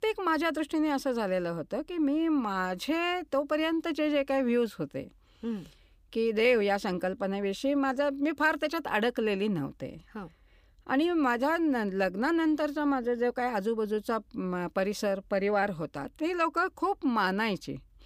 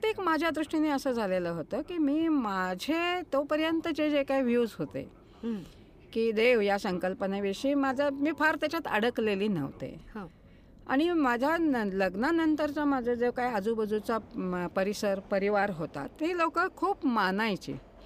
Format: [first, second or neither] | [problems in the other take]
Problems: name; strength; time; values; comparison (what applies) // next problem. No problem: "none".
first | train or aircraft noise; faint; throughout; 25 dB below the speech